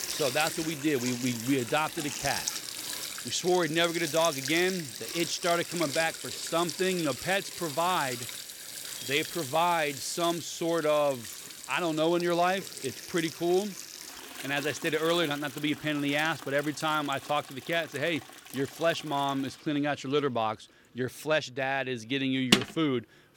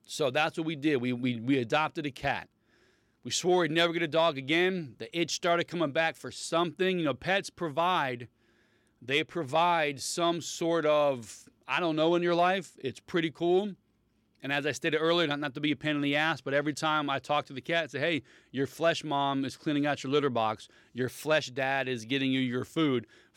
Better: second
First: household noises; loud; throughout; 7 dB below the speech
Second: none

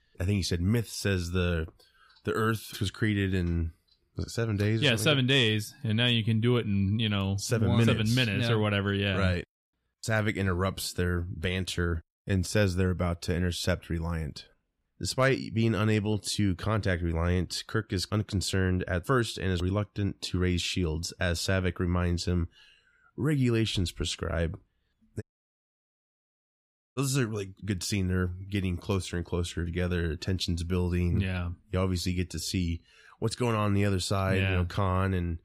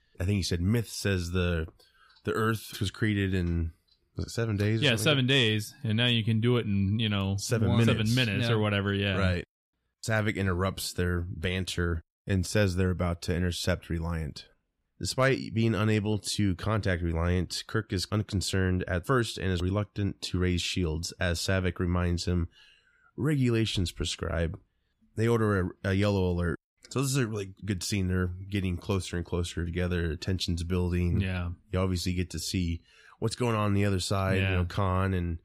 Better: second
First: audio cutting out; at 25 s for 1.5 s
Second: none

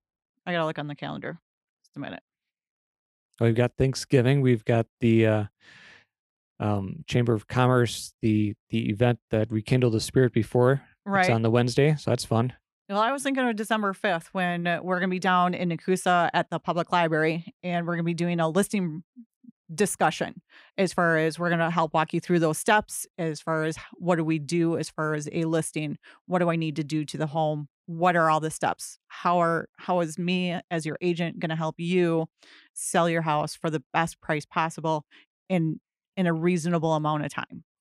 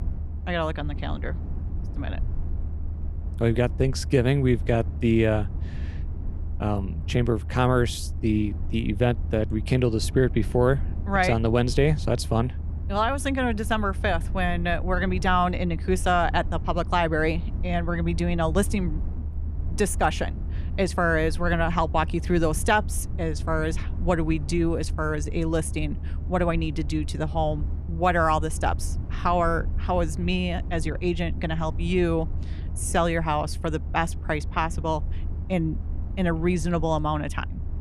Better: first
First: none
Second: low rumble; faint; throughout; 20 dB below the speech

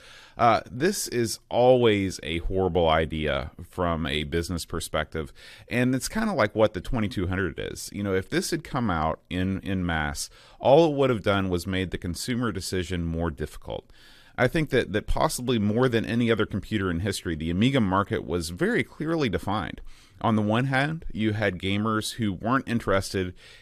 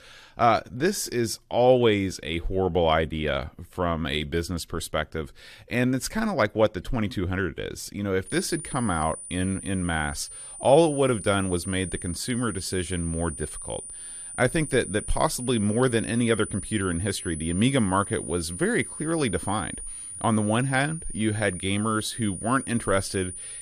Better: first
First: none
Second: high-pitched whine; loud; from 8.5 s on; 9.5 kHz, 10 dB below the speech

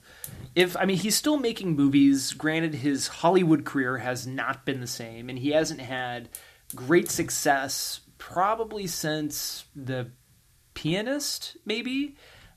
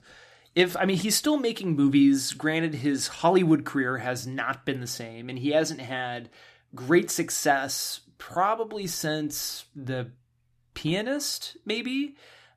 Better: second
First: hiss; faint; throughout; 20 dB below the speech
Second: none

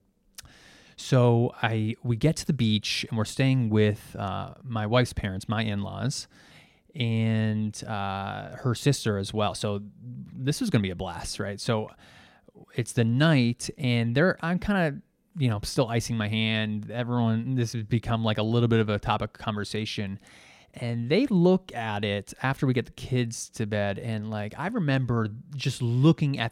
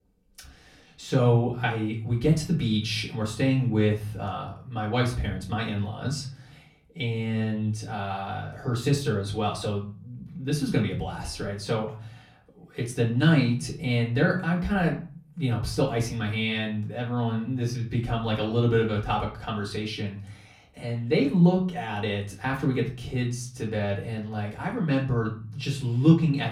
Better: first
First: none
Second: off-mic speech; far // room echo; very slight; dies away in 0.4 s

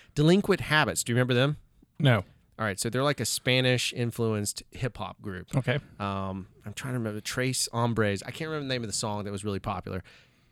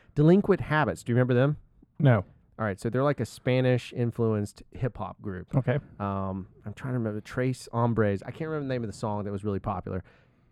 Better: first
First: none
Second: muffled; very; fading above 2 kHz

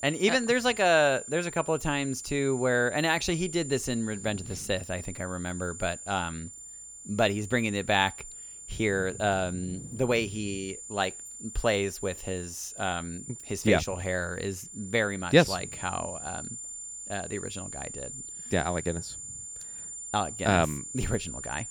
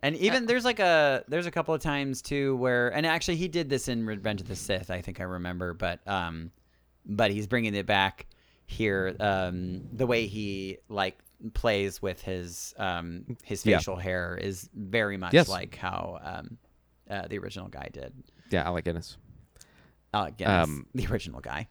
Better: second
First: high-pitched whine; noticeable; throughout; 7 kHz, 10 dB below the speech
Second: none

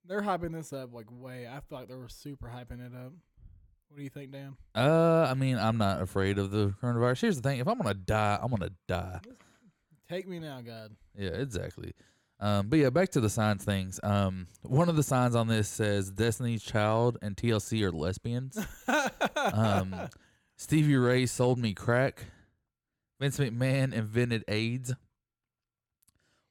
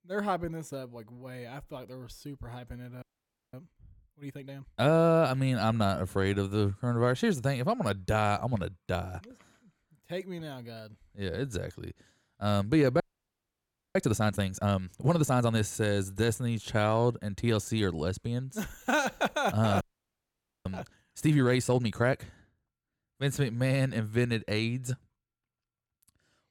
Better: first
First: none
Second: audio freezing; at 3 s for 0.5 s, at 13 s for 1 s and at 20 s for 1 s

